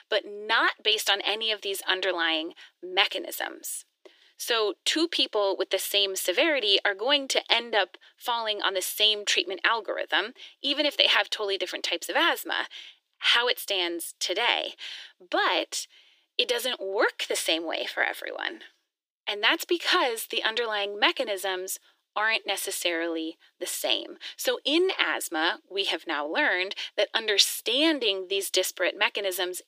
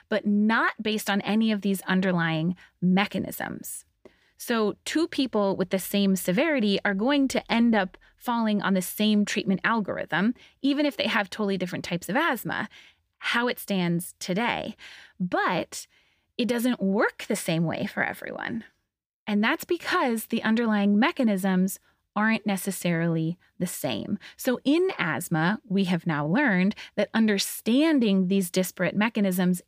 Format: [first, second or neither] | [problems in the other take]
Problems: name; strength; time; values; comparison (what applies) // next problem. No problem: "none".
second | thin; very; fading below 350 Hz